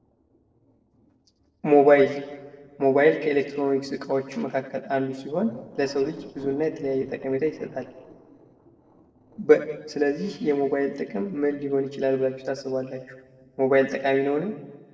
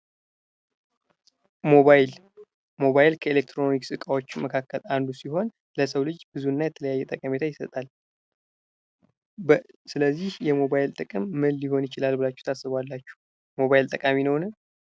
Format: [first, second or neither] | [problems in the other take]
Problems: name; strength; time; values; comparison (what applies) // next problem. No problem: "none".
second | noise reduction (neural separator model SepFormer DNS4)